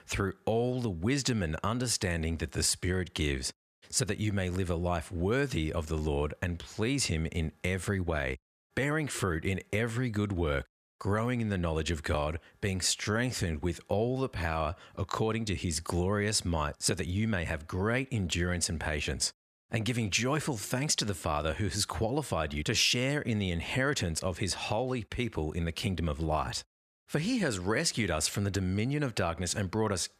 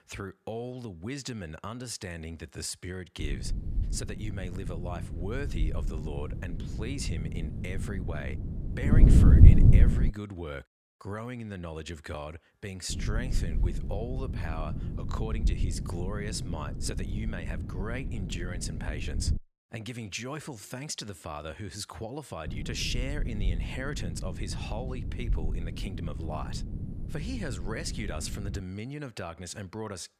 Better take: first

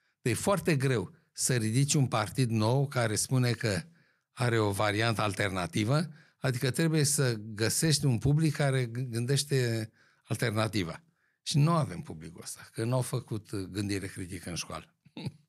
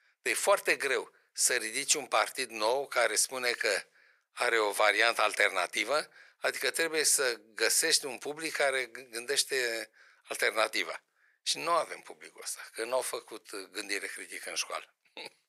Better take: first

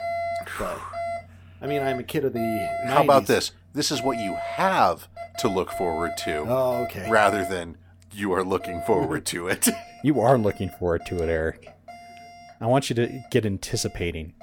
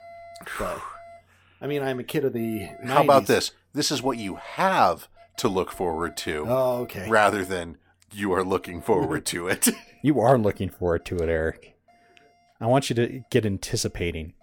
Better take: second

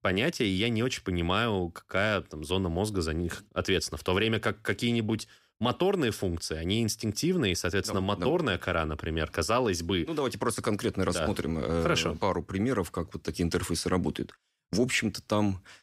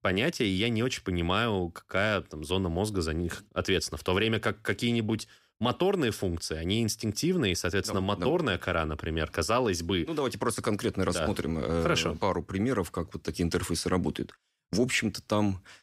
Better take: neither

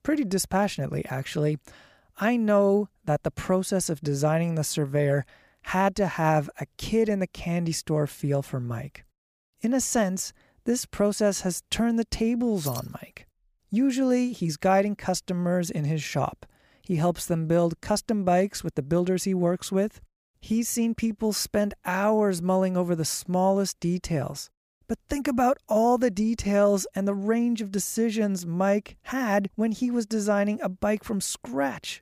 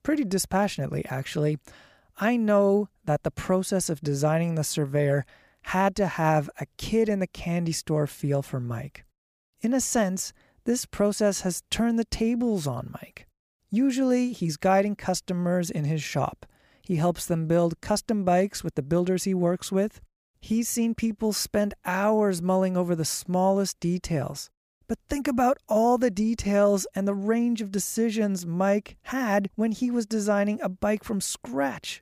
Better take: second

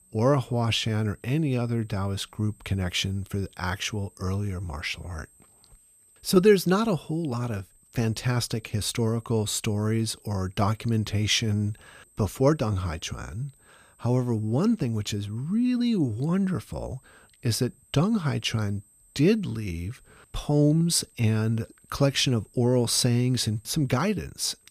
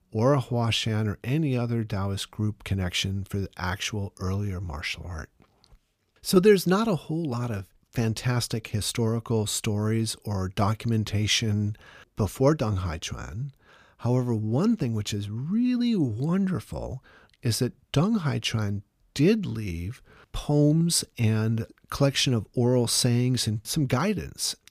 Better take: second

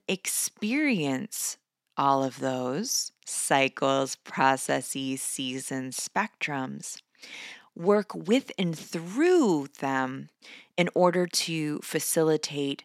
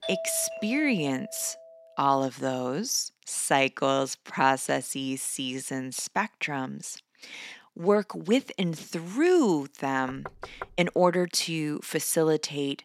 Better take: first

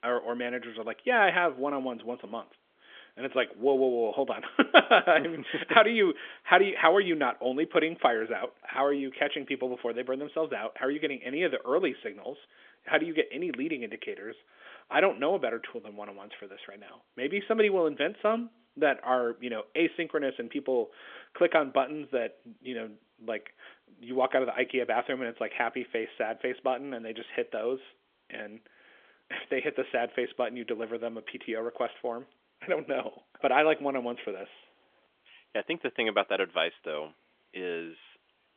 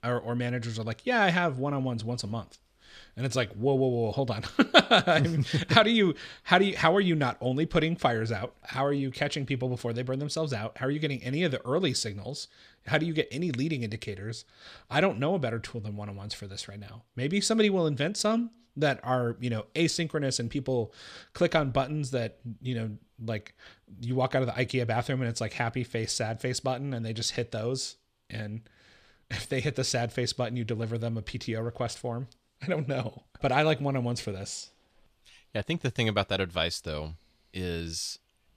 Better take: second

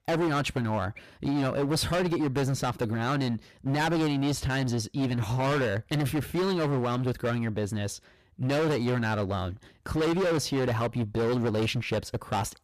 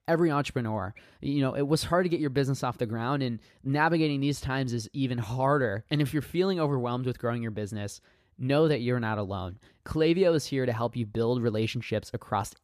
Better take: second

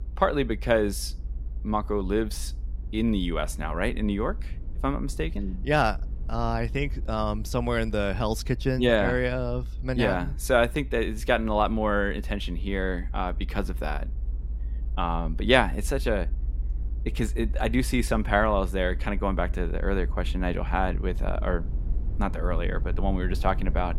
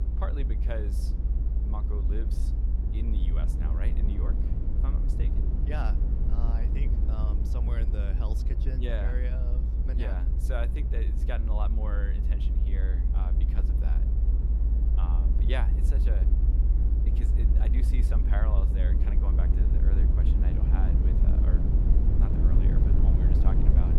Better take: first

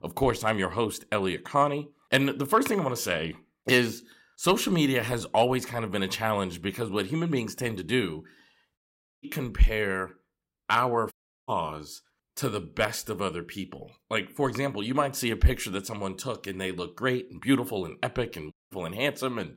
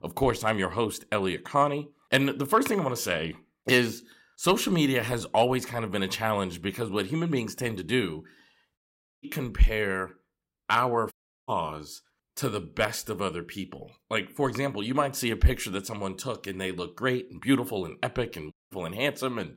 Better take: neither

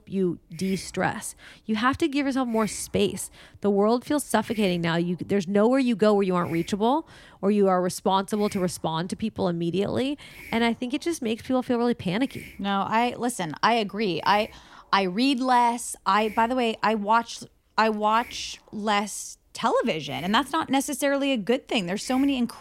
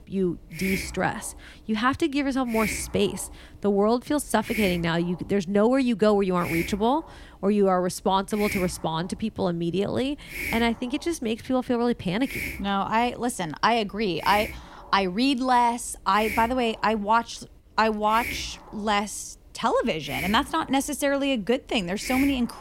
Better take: first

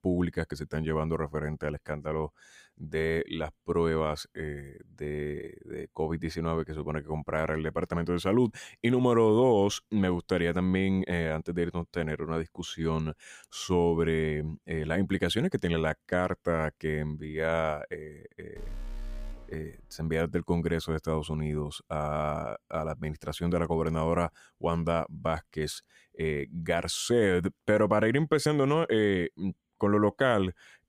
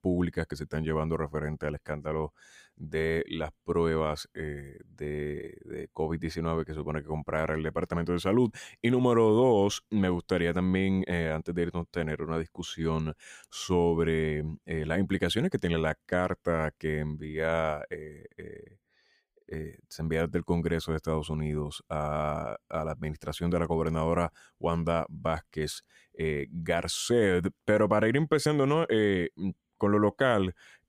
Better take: second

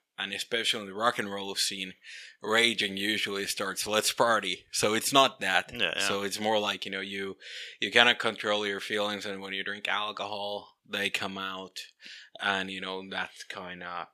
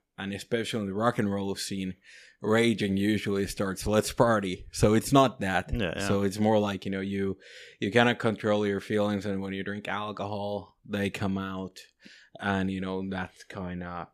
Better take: second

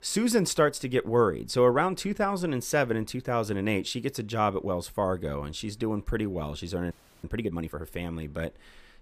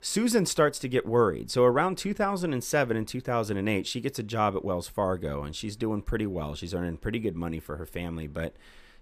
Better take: second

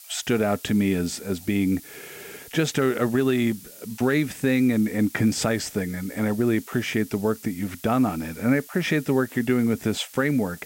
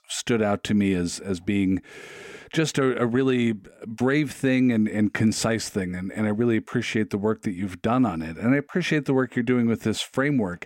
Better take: second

